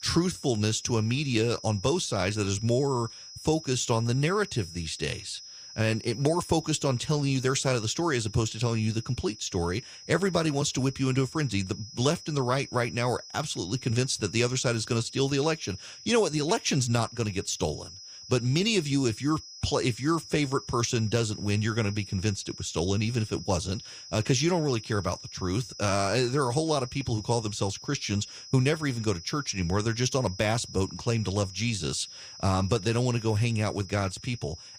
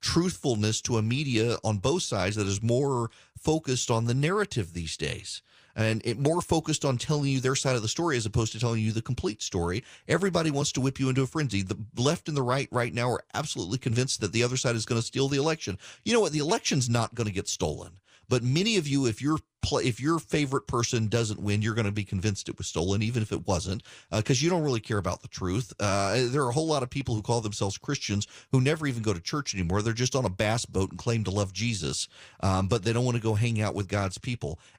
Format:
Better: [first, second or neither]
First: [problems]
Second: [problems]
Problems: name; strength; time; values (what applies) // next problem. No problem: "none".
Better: second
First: high-pitched whine; noticeable; throughout; 5 kHz, 15 dB below the speech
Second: none